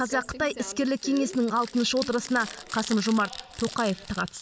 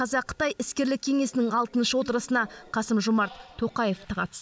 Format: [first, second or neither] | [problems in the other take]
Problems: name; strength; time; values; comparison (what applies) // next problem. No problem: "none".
second | background sound (Crumpling, crinkling); 14 dB below the speech